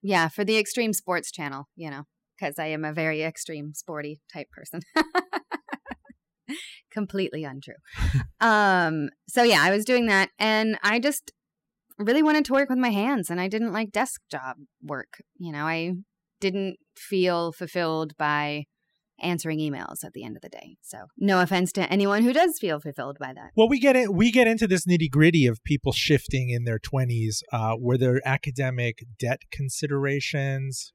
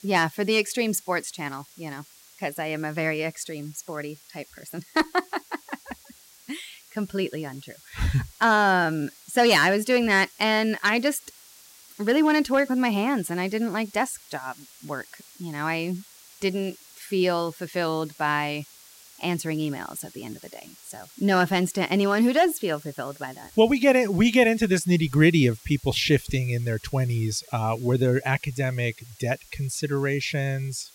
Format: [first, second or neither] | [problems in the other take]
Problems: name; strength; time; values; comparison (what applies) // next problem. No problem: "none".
first | hiss; faint; throughout; 25 dB below the speech